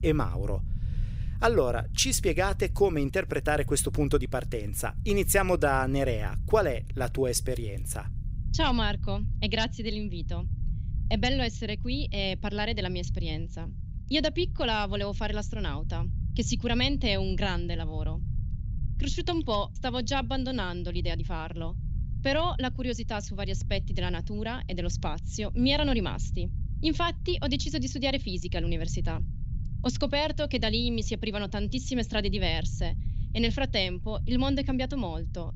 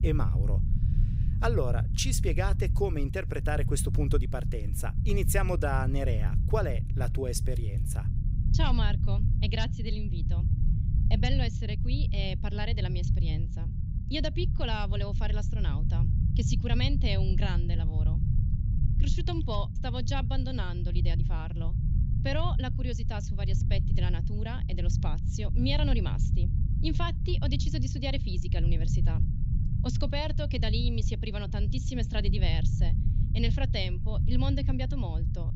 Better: first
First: low rumble; faint; throughout; 20 dB below the speech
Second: low rumble; loud; throughout; 8 dB below the speech

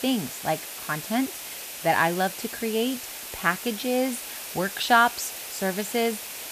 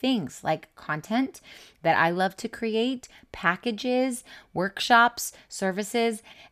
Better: second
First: hiss; loud; throughout; 8 dB below the speech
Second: none

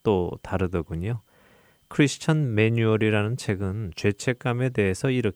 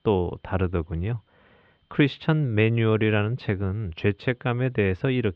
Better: first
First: none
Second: muffled; very; fading above 3.5 kHz

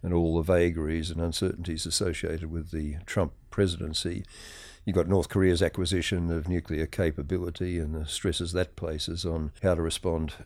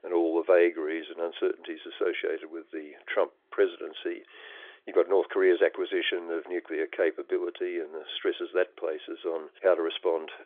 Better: first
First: none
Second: phone-call audio; nothing above 3.5 kHz

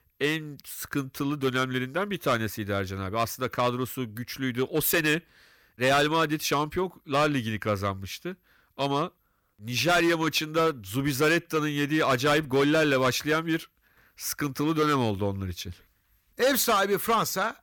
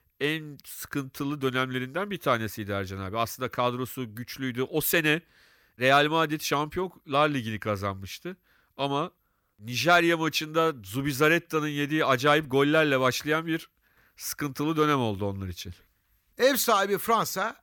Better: second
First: distortion; slight; 5% of the sound clipped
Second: none

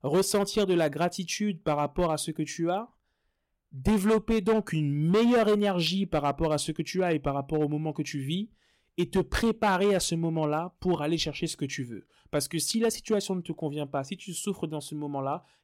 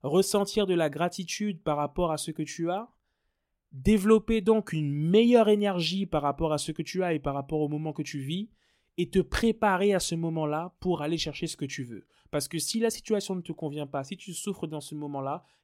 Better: second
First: distortion; slight; 5% of the sound clipped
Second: none

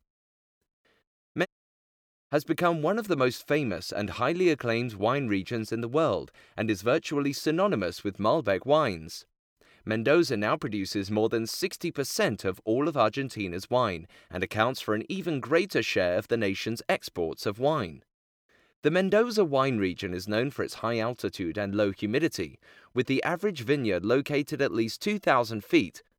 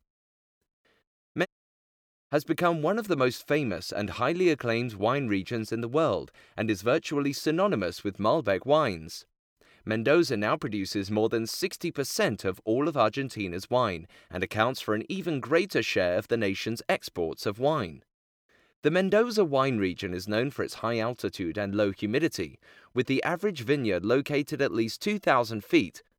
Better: neither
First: audio cutting out; at 1.5 s for 1 s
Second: audio cutting out; at 1.5 s for 1 s

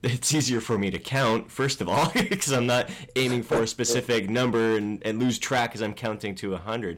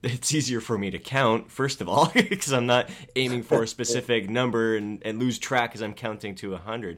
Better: second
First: distortion; heavy; 9% of the sound clipped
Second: none

